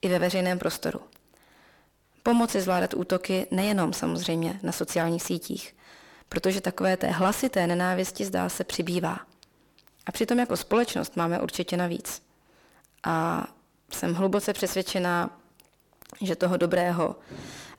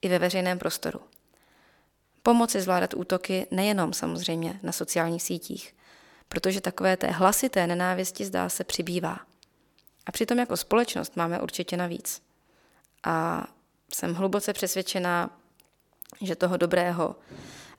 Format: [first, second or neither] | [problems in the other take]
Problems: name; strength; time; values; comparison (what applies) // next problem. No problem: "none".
second | distortion; slight; 10 dB below the speech